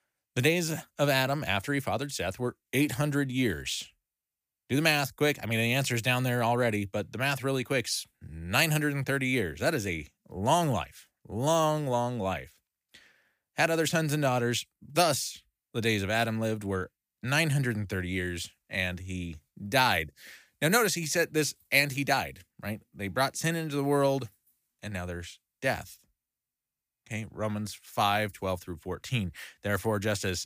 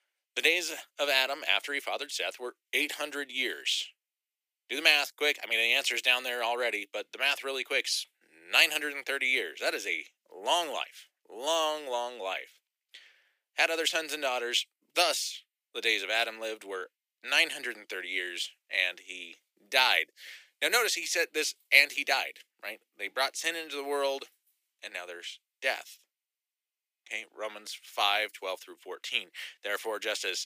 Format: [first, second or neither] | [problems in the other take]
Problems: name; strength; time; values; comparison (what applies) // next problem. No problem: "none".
first | thin; very; fading below 350 Hz